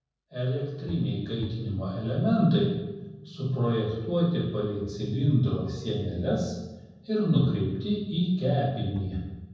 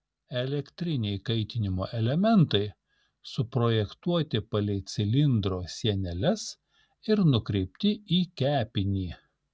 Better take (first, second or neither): second